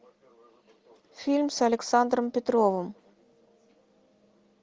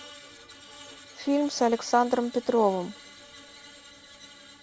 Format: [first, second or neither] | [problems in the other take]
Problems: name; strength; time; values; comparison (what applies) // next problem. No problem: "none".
first | background sound (Screech); 19 dB below the speech